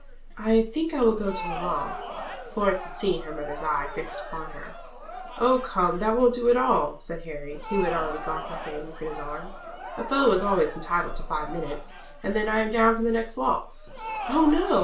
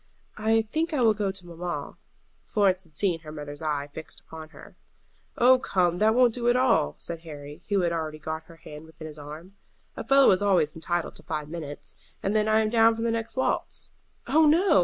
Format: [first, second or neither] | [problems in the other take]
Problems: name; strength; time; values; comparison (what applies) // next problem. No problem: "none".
second | background sound (Crowd); 12 dB below the speech // room echo; dies away in 0.3 s